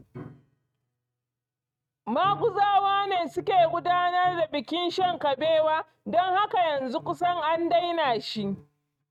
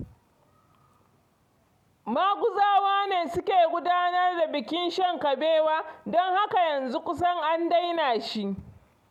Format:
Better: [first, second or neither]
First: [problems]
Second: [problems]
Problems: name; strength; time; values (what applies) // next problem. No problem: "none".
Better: second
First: noise reduction (neural mask model RNNoise)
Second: none